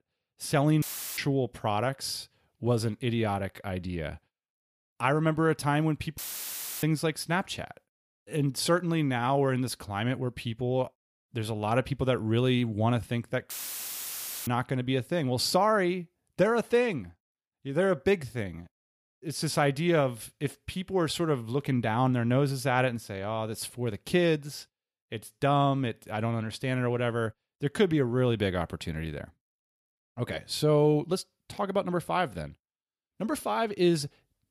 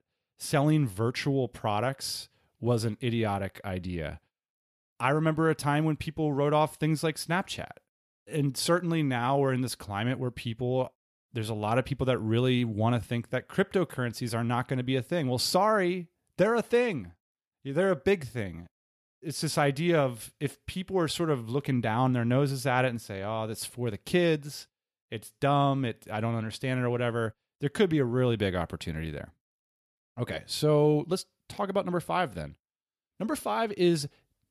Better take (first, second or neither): second